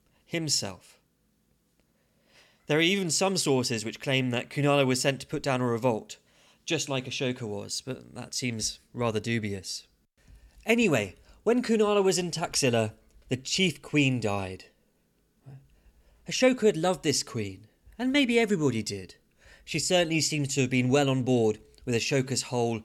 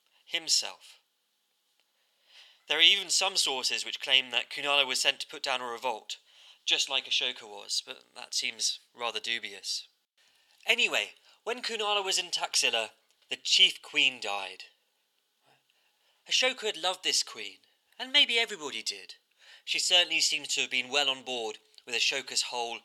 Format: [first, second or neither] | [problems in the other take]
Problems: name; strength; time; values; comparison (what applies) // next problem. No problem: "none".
first | thin; very; fading below 750 Hz